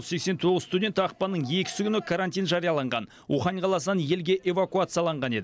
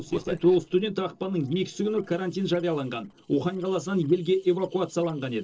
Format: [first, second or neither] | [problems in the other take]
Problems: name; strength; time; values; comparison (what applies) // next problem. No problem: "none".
first | noise reduction (neural separator model SepFormer DNS4)